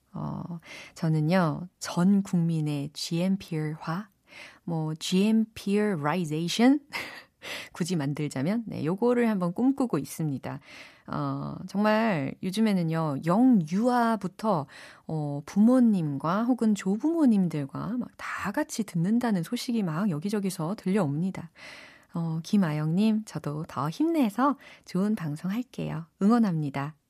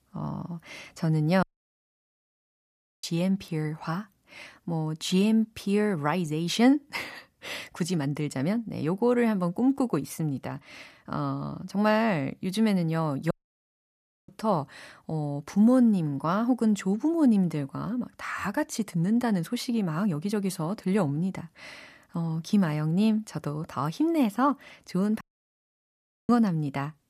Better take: first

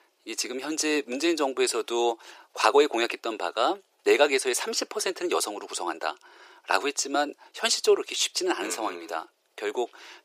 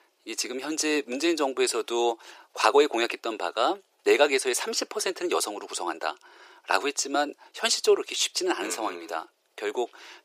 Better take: neither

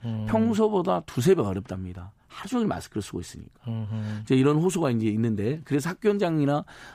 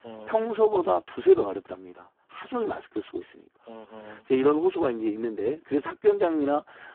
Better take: first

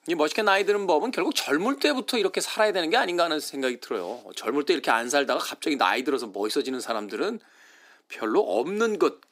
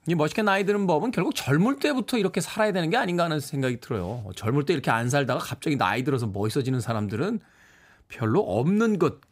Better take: second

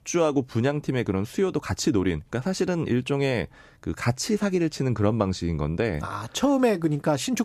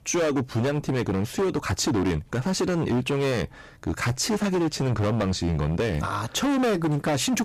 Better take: first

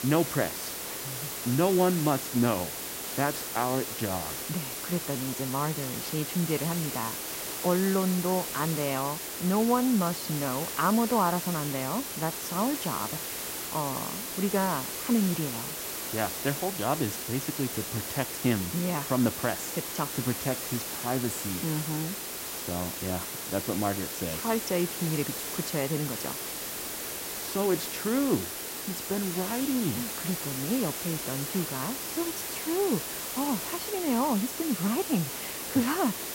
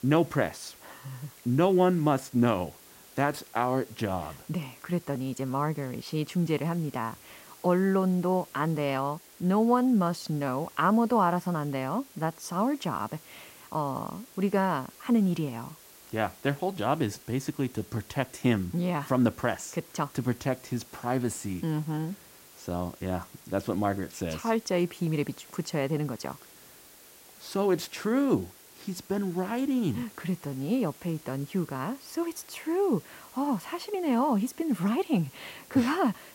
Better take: second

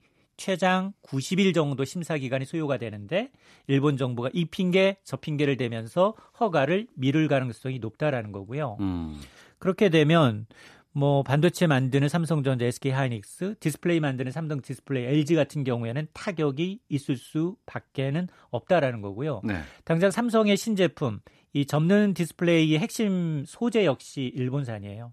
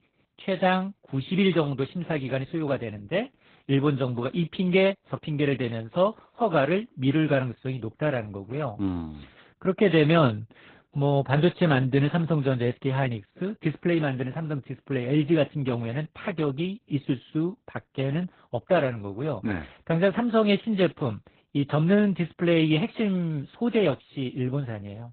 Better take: first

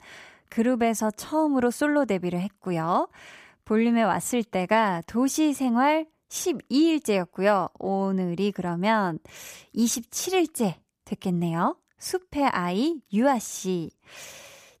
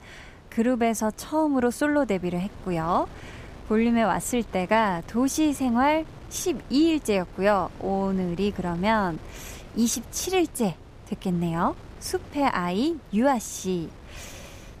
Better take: first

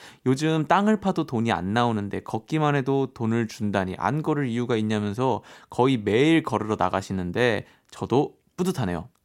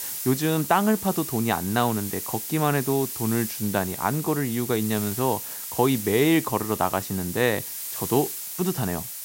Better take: first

